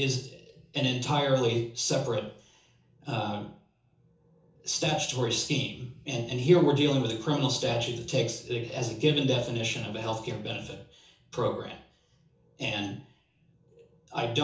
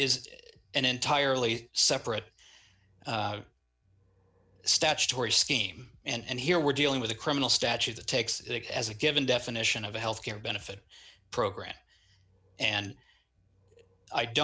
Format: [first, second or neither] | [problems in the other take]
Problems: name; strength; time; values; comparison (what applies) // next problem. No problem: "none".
second | room echo; dies away in 0.7 s